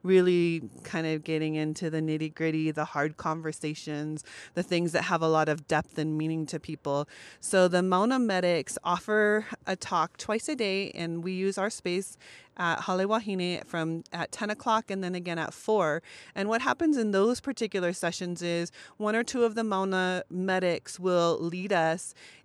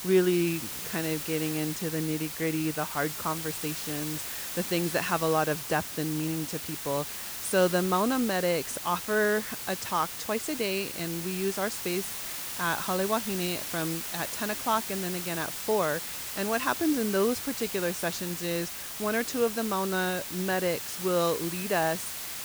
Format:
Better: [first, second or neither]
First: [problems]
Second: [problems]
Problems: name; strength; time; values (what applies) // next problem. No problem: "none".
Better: first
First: none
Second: hiss; loud; throughout; 4 dB below the speech